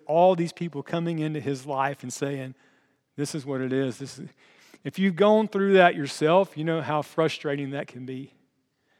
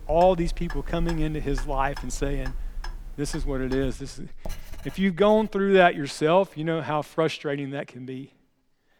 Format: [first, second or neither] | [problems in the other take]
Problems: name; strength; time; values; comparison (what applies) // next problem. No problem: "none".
first | household noises; noticeable; throughout; 15 dB below the speech